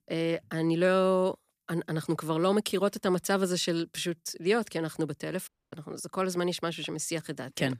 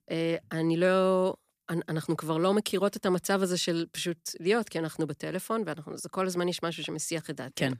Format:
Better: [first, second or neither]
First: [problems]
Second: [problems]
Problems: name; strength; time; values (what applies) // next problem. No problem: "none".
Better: second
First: audio cutting out; at 5.5 s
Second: none